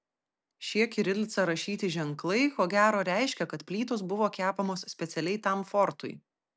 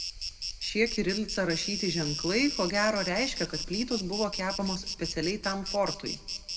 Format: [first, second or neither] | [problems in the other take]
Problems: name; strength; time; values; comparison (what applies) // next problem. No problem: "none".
first | background sound (Insect); 6 dB below the speech // room echo; dies away in 1 s